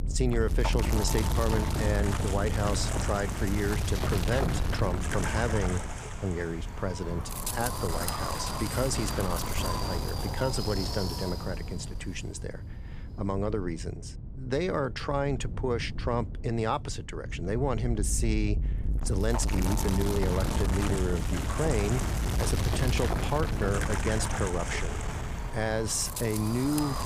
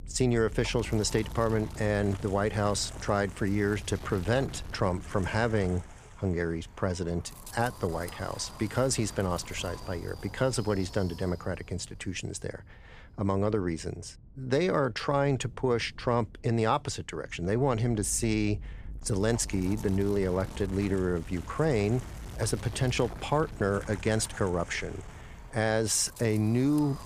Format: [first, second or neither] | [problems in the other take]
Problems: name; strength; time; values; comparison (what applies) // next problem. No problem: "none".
second | wind noise on the microphone; heavy; 2 dB below the speech; occasional gusts in the second